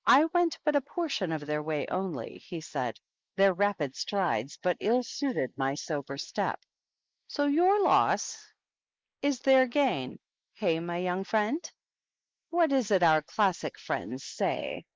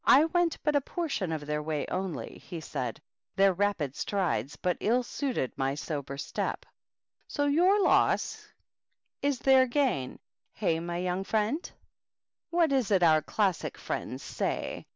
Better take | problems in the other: second | noise reduction (neural mask model Resemble Enhance denoiser)

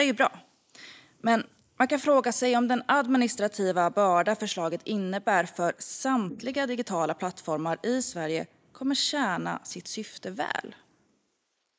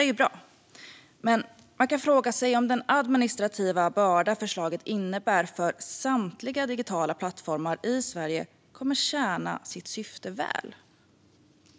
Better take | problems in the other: second | noise reduction (neural mask model Resemble Enhance denoiser)

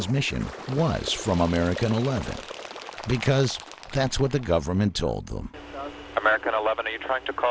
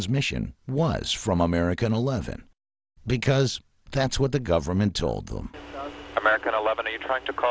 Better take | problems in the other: second | background sound (Bird); 15 dB below the speech

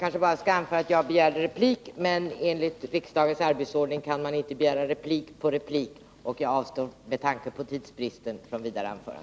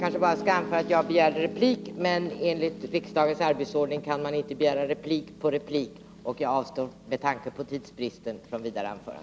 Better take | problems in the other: first | background sound (Piano); 13 dB below the speech

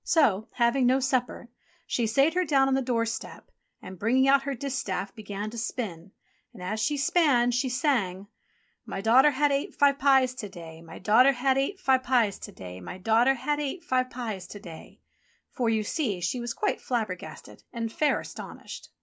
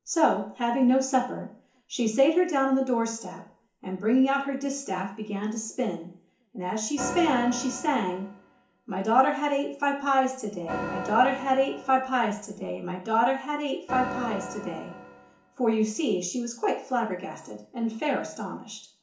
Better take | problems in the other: first | background sound (Organ); 10 dB below the speech // room echo; dies away in 0.7 s

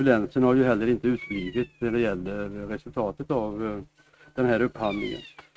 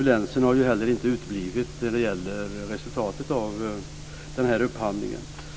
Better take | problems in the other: second | noise reduction (neural mask model RNNoise)

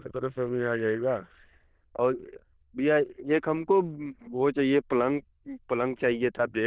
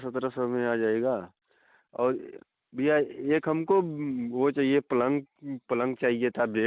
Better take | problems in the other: second | noise reduction (neural diffusion model UNIVERSE++)

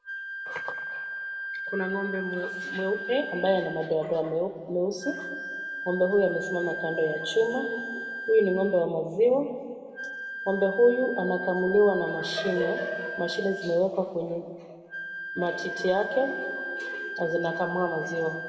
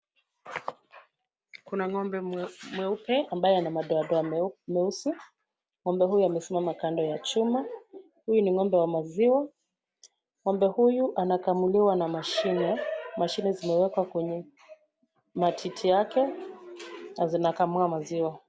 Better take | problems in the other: second | background sound (Wind instrument, woodwind instrument); 8 dB below the speech // room echo; dies away in 2 s

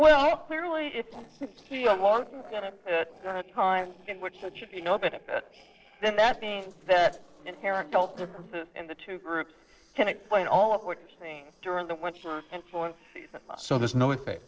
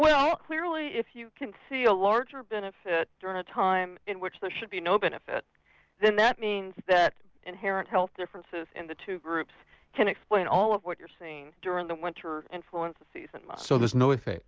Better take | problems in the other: second | noise reduction (neural separator model SepFormer DNS4)

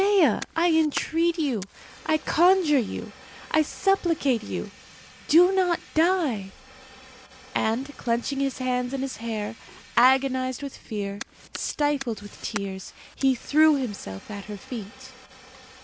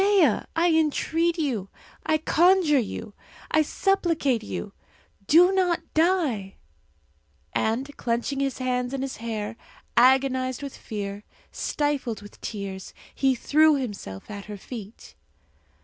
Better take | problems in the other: second | background sound (Fire); 20 dB below the speech

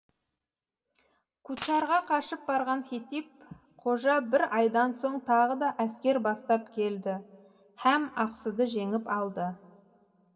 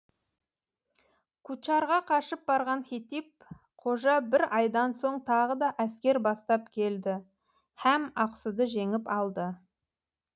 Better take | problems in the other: second | background sound (Coin (dropping)); 15 dB below the speech // room echo; dies away in 0.3 s

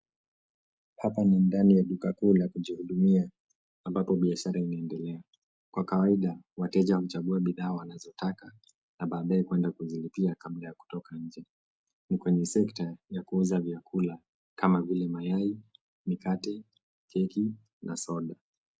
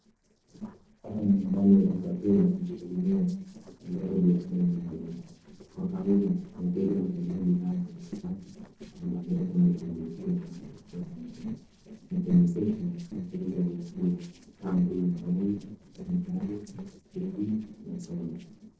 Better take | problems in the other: first | noise reduction (neural separator model SepFormer DNS4)

